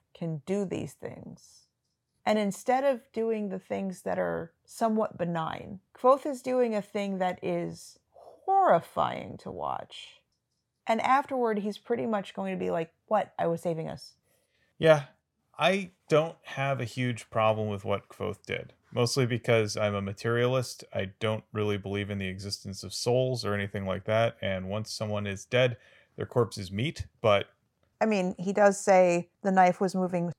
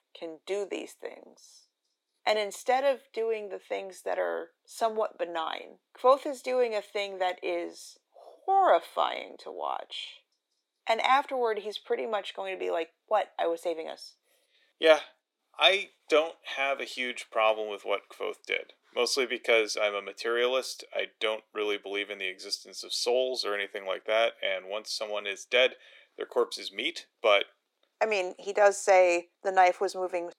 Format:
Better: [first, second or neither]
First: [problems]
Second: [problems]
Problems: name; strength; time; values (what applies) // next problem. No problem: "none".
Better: first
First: none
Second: thin; very; fading below 300 Hz